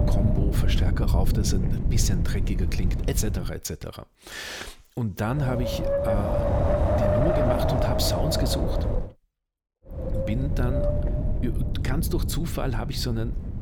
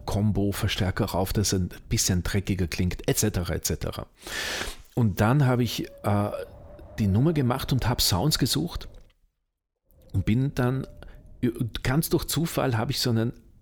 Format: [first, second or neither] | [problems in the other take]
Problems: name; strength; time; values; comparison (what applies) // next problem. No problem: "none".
second | wind noise on the microphone; heavy; until 3.5 s, from 5.5 to 9 s and from 10 s on; 4 dB above the speech; occasional gusts in the second